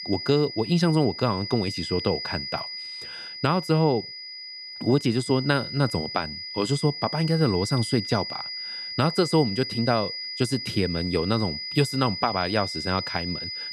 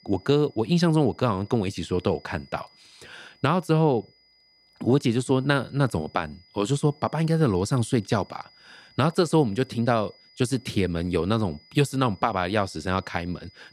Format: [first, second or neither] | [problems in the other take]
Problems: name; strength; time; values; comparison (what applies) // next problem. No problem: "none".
second | high-pitched whine; loud; throughout; 5 kHz, 7 dB below the speech; faint in the second